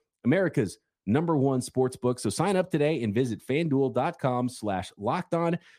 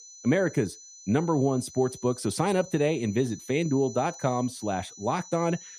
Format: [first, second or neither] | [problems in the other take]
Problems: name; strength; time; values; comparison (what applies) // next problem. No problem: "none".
first | high-pitched whine; noticeable; throughout; 6 kHz, 15 dB below the speech